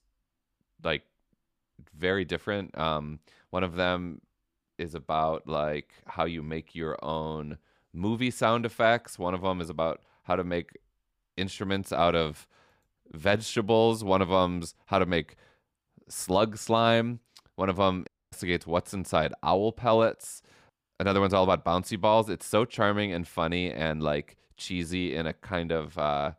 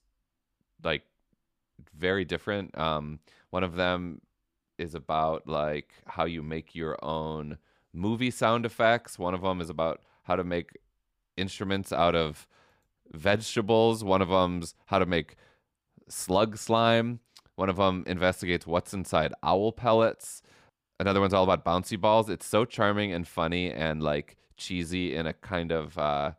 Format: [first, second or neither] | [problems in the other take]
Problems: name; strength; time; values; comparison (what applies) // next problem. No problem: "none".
second | audio cutting out; at 18 s